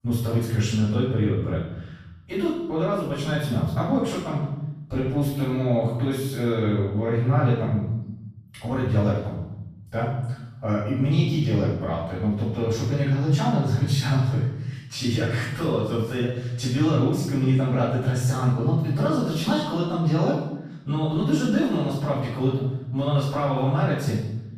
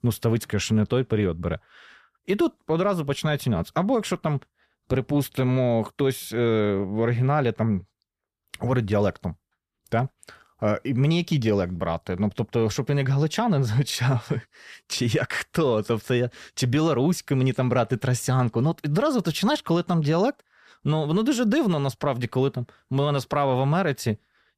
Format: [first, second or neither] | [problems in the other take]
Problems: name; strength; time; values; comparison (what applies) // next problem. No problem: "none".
second | room echo; strong; dies away in 0.9 s // off-mic speech; far